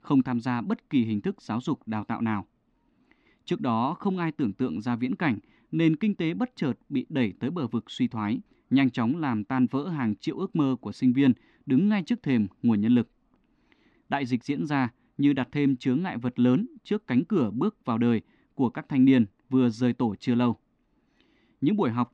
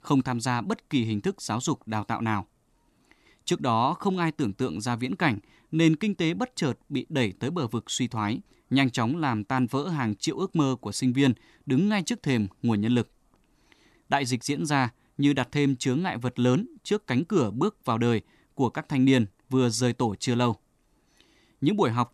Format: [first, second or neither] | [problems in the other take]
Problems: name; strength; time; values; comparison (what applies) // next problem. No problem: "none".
second | muffled; slightly; fading above 3 kHz